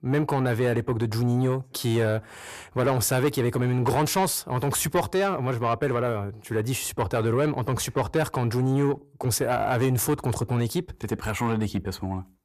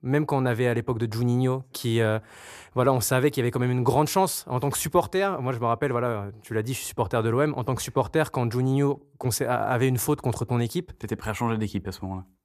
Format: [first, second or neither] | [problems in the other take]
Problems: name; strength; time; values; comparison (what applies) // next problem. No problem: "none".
second | distortion; slight; 10 dB below the speech